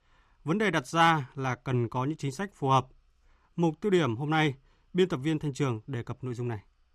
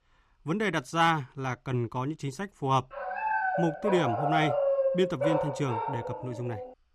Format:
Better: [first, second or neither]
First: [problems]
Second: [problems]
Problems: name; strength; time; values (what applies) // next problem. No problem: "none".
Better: first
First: none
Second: dog barking; loud; from 3 s on; peak 4 dB above the speech